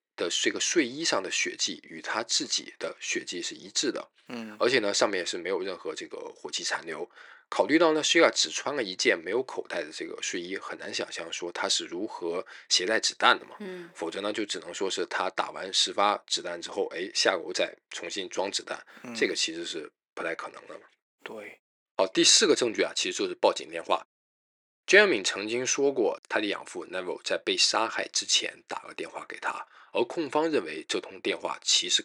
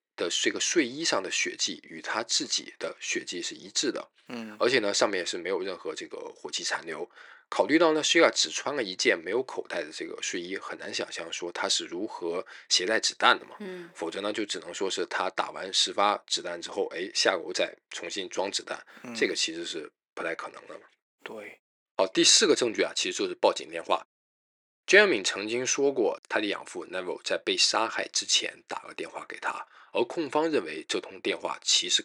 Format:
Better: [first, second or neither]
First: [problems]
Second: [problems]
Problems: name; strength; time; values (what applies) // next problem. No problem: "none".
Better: neither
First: thin; somewhat; fading below 300 Hz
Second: thin; somewhat; fading below 300 Hz